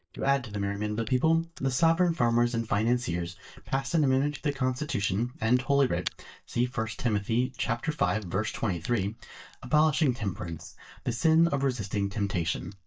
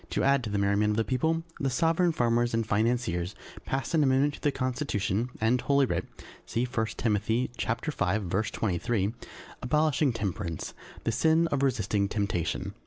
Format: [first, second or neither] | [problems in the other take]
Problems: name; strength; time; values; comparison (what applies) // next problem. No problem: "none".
second | noise reduction (neural mask model DeepFilterNet 3)